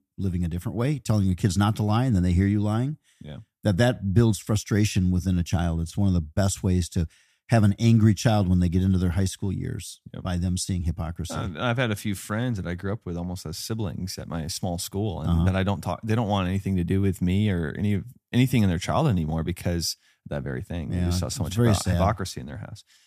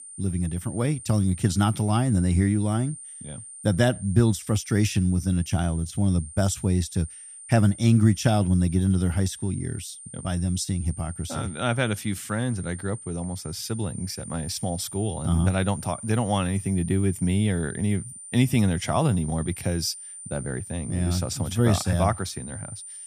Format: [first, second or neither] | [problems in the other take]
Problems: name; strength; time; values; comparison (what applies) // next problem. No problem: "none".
first | high-pitched whine; noticeable; throughout; 9 kHz, 15 dB below the speech